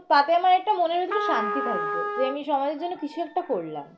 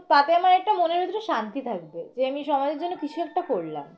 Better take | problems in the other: second | background sound (Trumpet); 4 dB below the speech

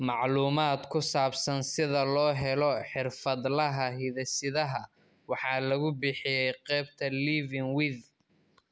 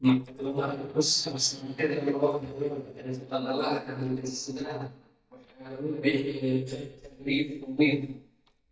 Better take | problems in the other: first | noise reduction (neural mask model DeepFilterNet 3)

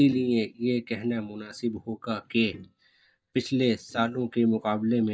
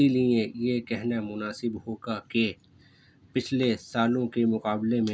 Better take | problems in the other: second | noise reduction (neural mask model DeepFilterNet 3)

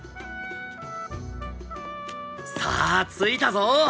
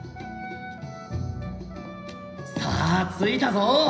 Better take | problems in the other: first | room echo; dies away in 0.9 s

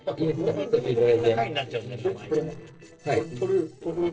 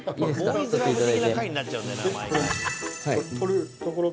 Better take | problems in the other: second | noise reduction (neural separator model SepFormer DNS4)

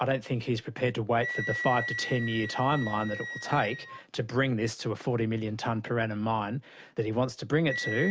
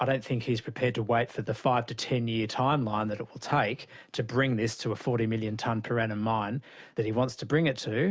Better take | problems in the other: second | background sound (Wind instrument, woodwind instrument); 10 dB below the speech

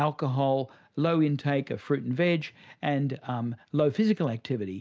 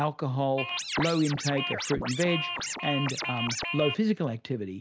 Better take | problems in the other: first | background sound (Scratching (performance technique)); 4 dB below the speech

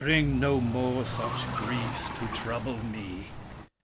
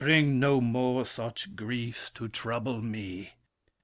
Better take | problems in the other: second | background sound (Car); 5 dB below the speech

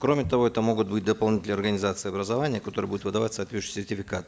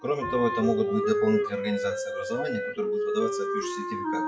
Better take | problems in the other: first | noise reduction (classical method WPE with log-MMSE)

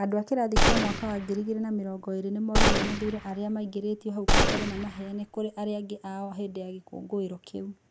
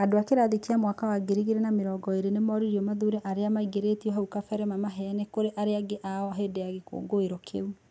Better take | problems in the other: second | background sound (Gunshot, gunfire); 5 dB above the speech

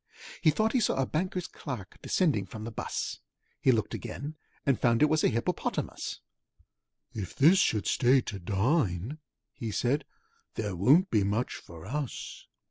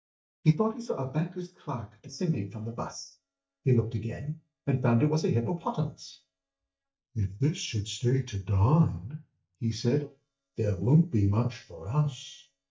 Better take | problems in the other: first | noise reduction (neural mask model DeepFilterNet 3)

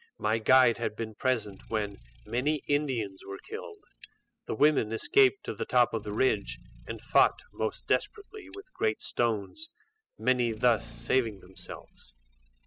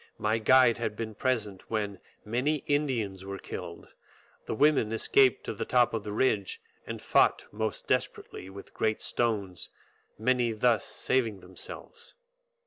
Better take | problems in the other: second | noise reduction (classical method spectral subtraction)

